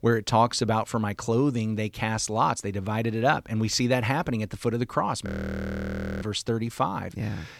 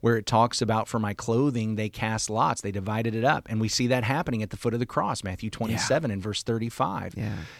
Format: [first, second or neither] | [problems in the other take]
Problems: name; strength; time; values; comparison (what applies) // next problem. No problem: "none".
second | audio freezing; at 5.5 s for 1 s